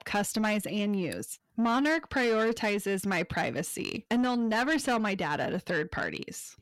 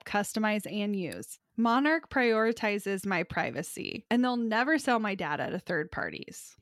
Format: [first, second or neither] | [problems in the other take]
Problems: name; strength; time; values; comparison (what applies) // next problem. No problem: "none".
second | distortion; slight; 10 dB below the speech